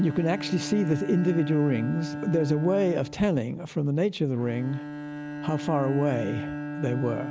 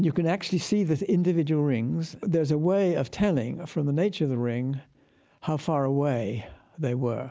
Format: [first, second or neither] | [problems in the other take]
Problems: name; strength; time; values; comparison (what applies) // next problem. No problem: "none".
second | background sound (Bowed string instrument); 9 dB below the speech